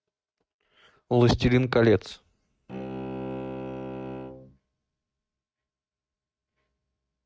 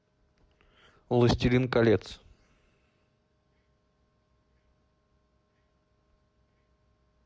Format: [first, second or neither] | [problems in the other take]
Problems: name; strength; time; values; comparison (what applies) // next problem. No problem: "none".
second | noise reduction (neural mask model RNNoise)